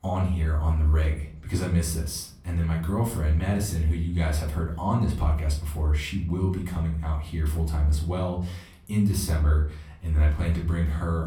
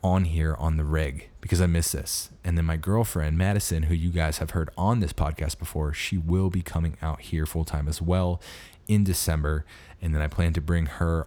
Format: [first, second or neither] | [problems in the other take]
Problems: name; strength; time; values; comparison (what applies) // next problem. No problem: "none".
second | off-mic speech; far // room echo; slight; dies away in 0.5 s